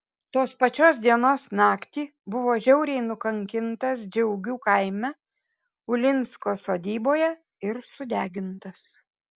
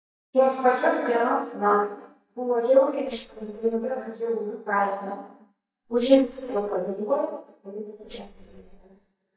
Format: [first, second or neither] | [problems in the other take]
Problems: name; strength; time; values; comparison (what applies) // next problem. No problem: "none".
first | noise reduction (neural mask model DeepFilterNet 3)